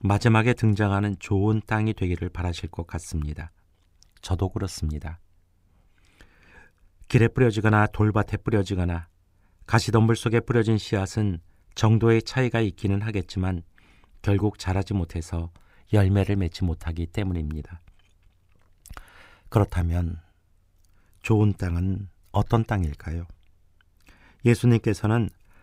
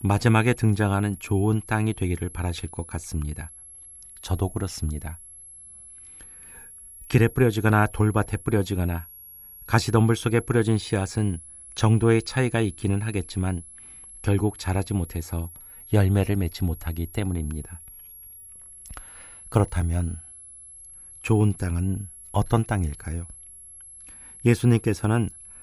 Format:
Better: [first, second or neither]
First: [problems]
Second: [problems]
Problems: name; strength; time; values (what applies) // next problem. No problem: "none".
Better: first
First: none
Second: high-pitched whine; noticeable; throughout; 11.5 kHz, 15 dB below the speech